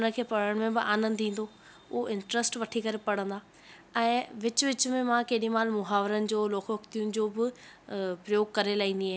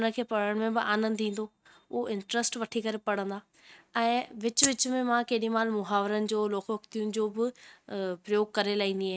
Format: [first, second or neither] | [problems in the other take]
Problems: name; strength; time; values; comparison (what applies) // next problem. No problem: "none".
first | noise reduction (neural mask model RNNoise)